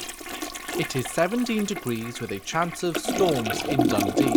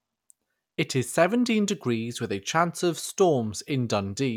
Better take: second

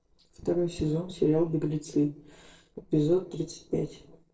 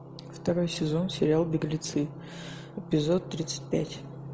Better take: second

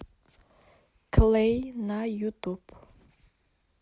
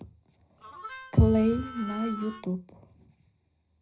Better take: first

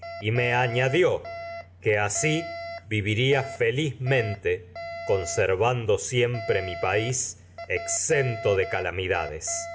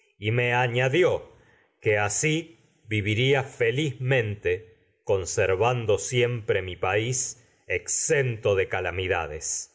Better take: second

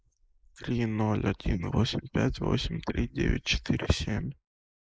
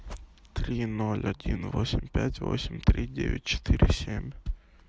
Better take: second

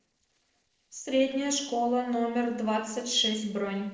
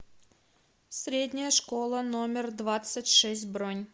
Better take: second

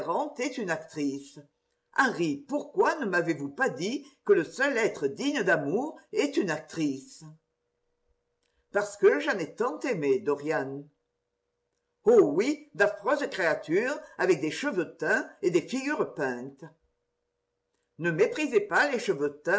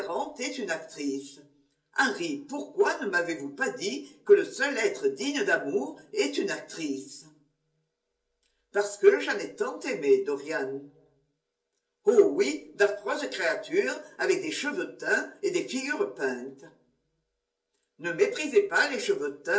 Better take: first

